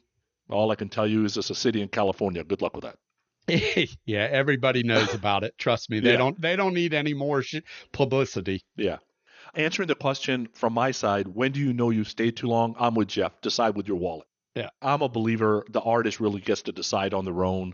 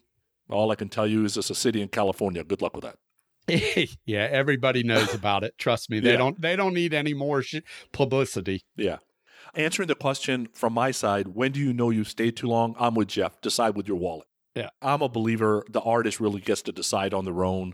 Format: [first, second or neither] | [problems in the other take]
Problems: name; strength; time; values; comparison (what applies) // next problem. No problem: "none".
second | garbled, watery; slightly; nothing above 6.5 kHz